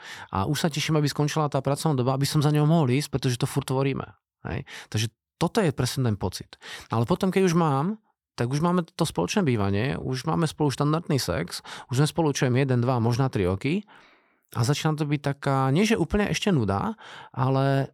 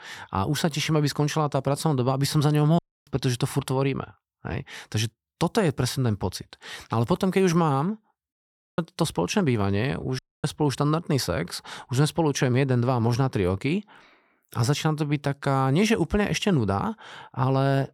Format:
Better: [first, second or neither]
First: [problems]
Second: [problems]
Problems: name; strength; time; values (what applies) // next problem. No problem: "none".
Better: first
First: none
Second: audio cutting out; at 3 s, at 8.5 s and at 10 s